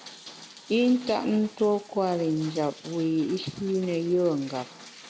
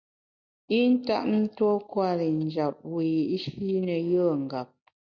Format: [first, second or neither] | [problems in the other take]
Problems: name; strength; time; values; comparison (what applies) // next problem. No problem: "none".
second | background sound (Rain); 19 dB below the speech